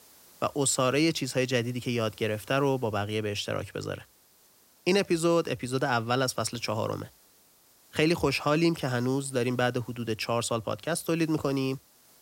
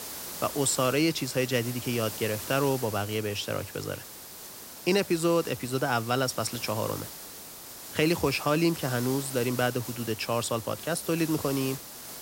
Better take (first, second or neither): first